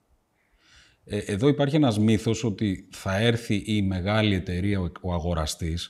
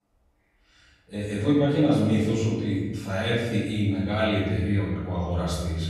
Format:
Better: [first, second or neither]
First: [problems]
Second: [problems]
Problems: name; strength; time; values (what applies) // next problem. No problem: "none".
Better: first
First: none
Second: off-mic speech; far // room echo; strong; dies away in 1.1 s